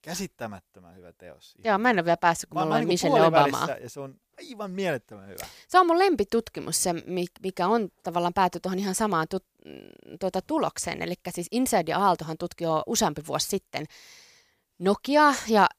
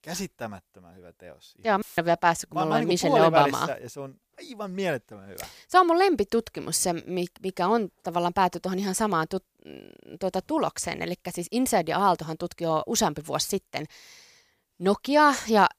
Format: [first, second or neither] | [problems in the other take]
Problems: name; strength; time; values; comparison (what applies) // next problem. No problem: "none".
first | audio cutting out; filled with static; at 2 s